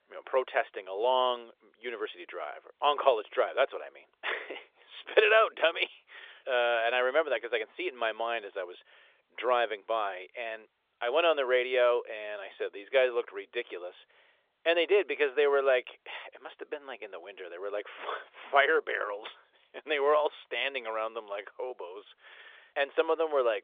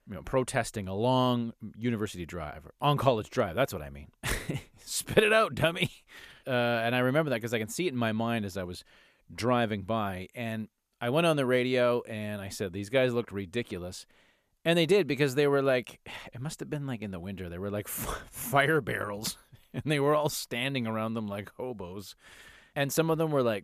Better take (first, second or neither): second